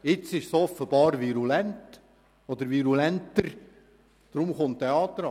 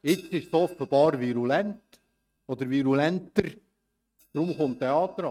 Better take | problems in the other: first | noise reduction (neural mask model RNNoise)

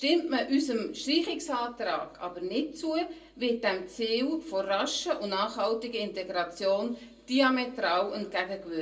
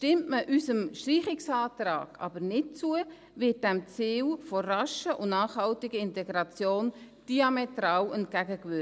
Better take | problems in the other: second | room echo; dies away in 0.2 s

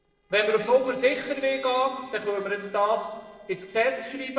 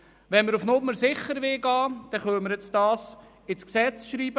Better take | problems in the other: second | noise reduction (neural separator model SepFormer DNS4)

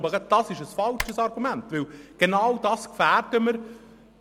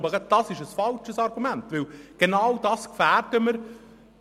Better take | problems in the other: second | background sound (Typing); 14 dB below the speech

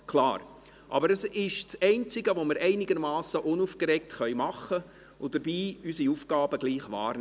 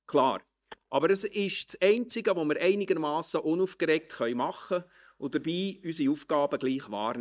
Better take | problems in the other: first | noise reduction (neural mask model DeepFilterNet 3)

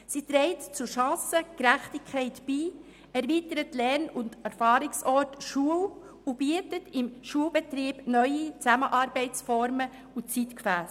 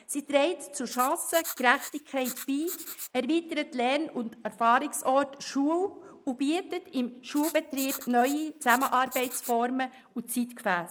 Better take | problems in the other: first | noise reduction (neural mask model Resemble Enhance denoiser)

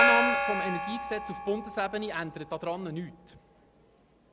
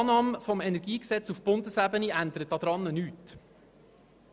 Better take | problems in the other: second | background sound (Gong); 3 dB above the speech

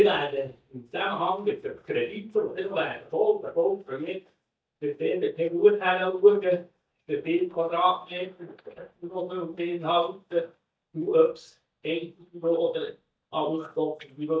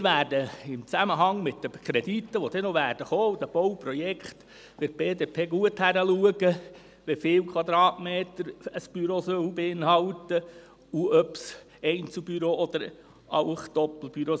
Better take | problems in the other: second | noise reduction (neural mask model DeepFilterNet 3)

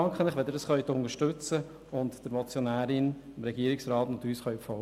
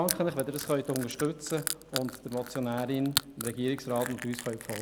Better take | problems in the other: first | background sound (Crushing); 7 dB below the speech

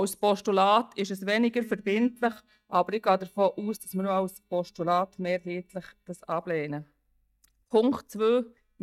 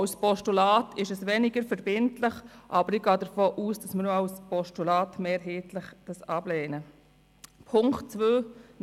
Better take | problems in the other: second | noise reduction (neural mask model DeepFilterNet 3)

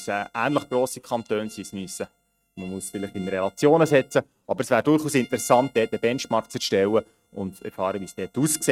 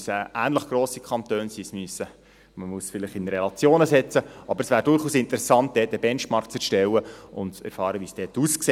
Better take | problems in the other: second | noise reduction (neural mask model RNNoise)

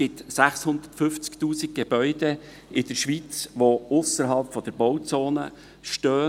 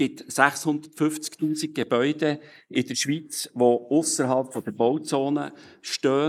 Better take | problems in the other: first | noise reduction (neural mask model Resemble Enhance denoiser)

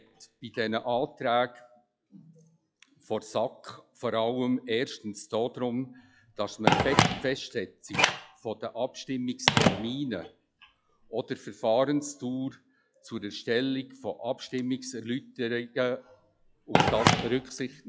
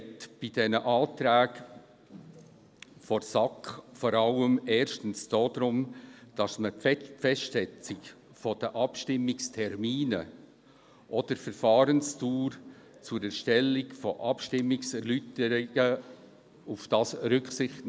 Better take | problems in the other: second | noise reduction (classical method log-MMSE)

